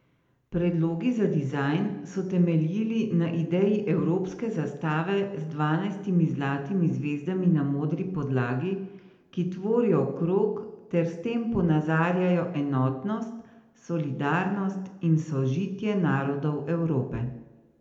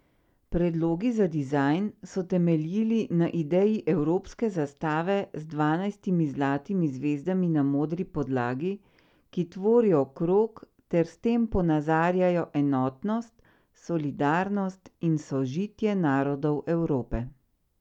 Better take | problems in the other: second | room echo; dies away in 0.8 s

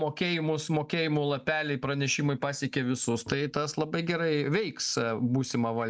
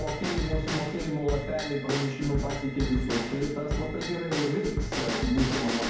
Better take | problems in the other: first | background sound (Bell / Drum / Drum kit); 2 dB below the speech // room echo; dies away in 1.2 s

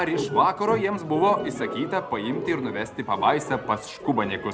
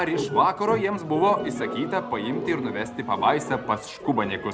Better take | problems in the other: first | background sound (Wind instrument, woodwind instrument); 16 dB below the speech

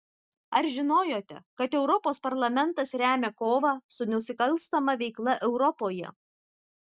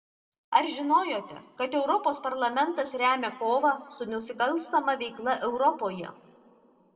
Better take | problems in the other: first | room echo; dies away in 1.3 s

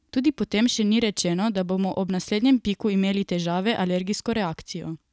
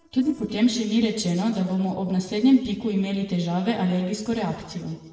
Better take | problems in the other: first | noise reduction (neural separator model SepFormer DNS4)

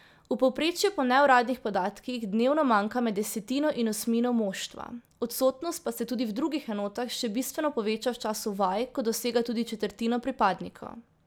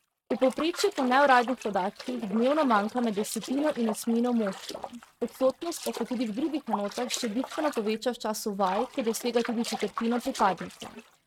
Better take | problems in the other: first | noise reduction (neural mask model RNNoise)

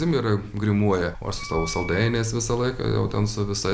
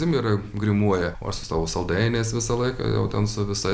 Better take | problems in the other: second | background sound (Wind instrument, woodwind instrument); 15 dB below the speech

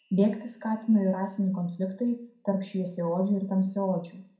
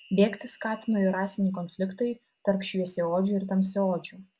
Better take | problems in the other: second | room echo; dies away in 0.4 s

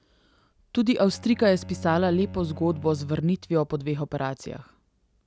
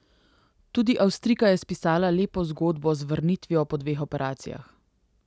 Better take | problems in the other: second | background sound (Bowed string instrument); 16 dB below the speech

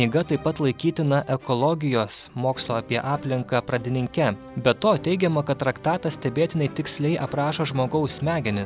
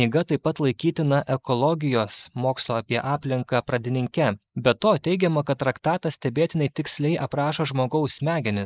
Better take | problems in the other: first | noise reduction (neural mask model Resemble Enhance denoiser)

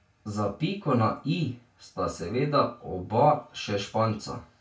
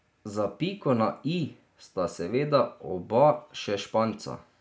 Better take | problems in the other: second | room echo; dies away in 0.2 s

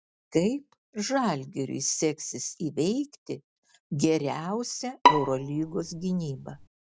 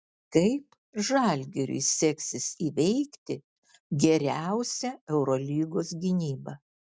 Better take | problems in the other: second | background sound (Bowed string instrument); 3 dB above the speech

